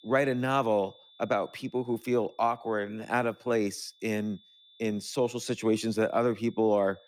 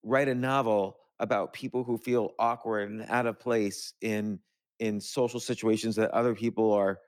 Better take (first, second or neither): second